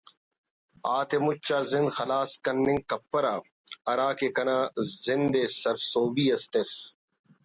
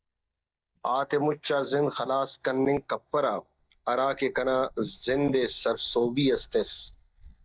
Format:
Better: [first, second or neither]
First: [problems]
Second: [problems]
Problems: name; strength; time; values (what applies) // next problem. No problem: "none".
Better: first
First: none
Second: noise reduction (neural mask model DeepFilterNet 3)